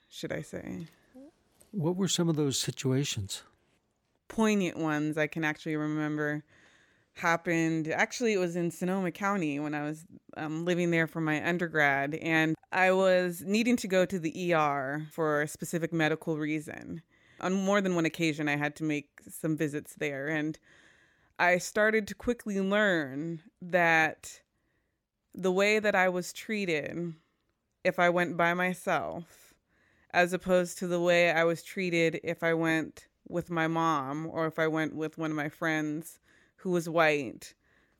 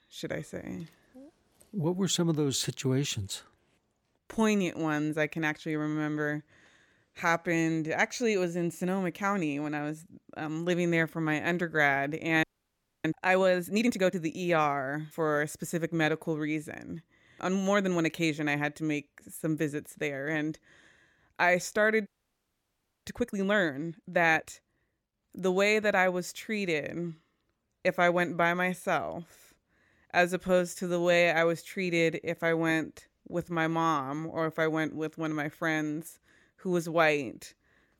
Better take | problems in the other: first | audio freezing; at 12 s for 0.5 s and at 22 s for 1 s

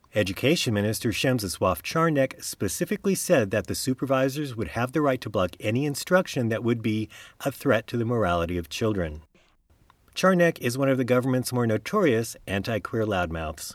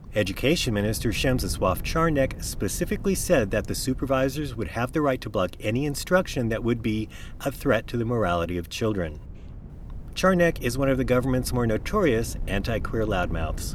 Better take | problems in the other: first | wind noise on the microphone; occasional gusts; 25 dB below the speech

